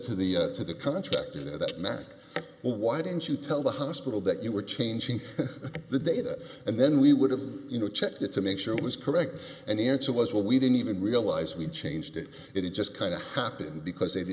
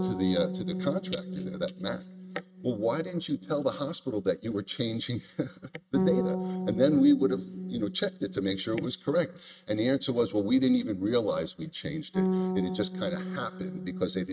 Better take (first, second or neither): first